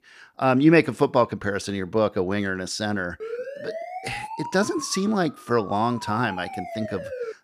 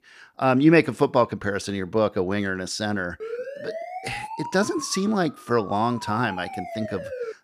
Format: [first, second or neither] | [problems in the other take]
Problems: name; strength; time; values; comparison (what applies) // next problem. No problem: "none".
neither | siren; noticeable; from 3 s on; peak 9 dB below the speech; the same in both